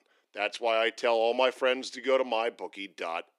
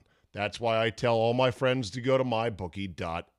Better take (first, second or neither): second